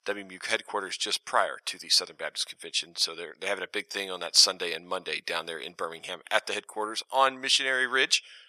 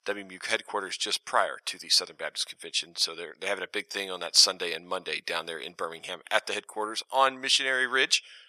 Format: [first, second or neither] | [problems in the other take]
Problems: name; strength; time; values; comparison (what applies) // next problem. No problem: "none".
neither | thin; very; fading below 1 kHz; the same in both